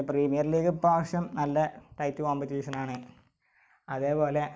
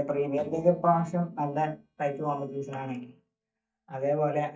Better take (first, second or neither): first